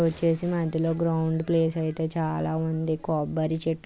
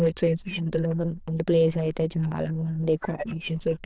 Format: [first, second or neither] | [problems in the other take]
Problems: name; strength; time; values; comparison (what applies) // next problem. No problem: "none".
first | noise reduction (neural diffusion model UNIVERSE++)